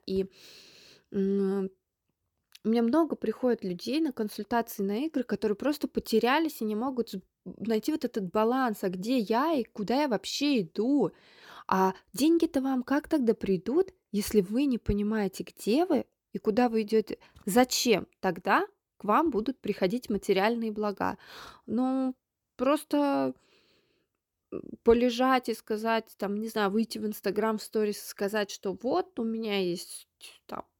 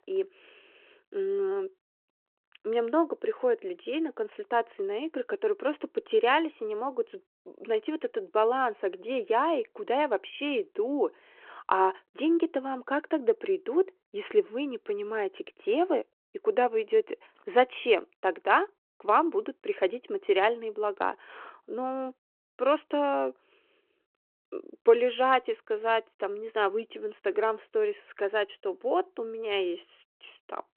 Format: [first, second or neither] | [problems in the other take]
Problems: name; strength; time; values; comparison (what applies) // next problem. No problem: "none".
first | phone-call audio